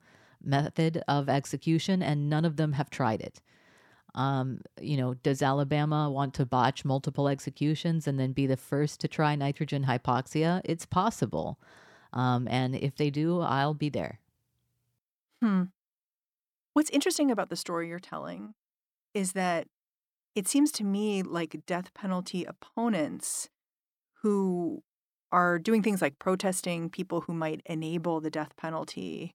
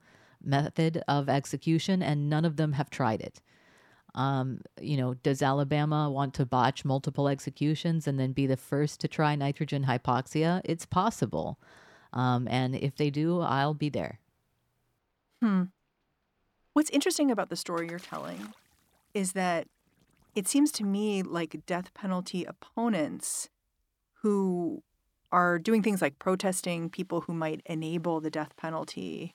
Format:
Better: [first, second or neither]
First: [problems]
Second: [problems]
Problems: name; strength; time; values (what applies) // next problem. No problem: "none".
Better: first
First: none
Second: rain or running water; faint; throughout; 30 dB below the speech